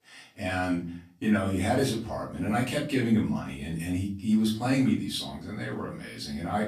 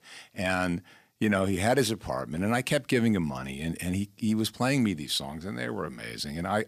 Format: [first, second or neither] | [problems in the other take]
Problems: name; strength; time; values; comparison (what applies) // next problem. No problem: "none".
second | off-mic speech; far // room echo; slight; dies away in 0.4 s